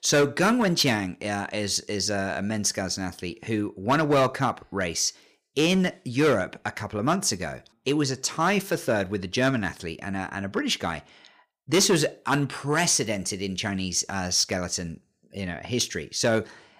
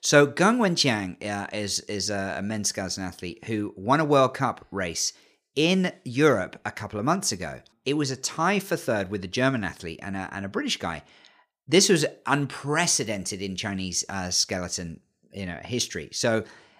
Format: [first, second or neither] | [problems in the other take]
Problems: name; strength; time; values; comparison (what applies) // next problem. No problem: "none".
second | distortion; slight; 3% of the sound clipped